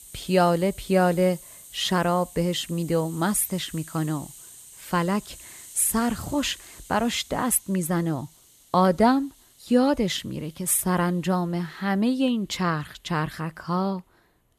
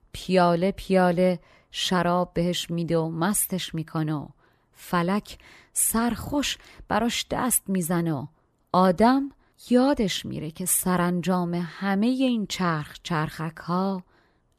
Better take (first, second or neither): second